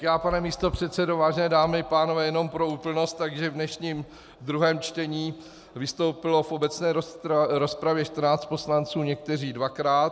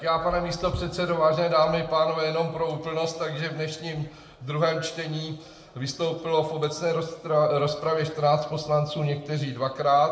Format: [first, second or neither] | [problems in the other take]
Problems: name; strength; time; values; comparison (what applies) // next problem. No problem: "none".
first | room echo; dies away in 0.8 s